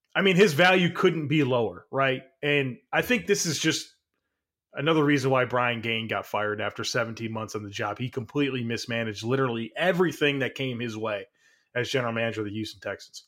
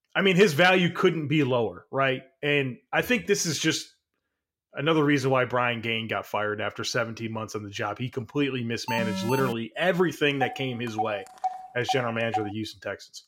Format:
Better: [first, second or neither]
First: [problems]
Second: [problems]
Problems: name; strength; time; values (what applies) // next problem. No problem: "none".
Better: first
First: none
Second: alarm; noticeable; at 9 s; peak 5 dB below the speech // phone ringing; noticeable; from 10 to 13 s; peak 7 dB below the speech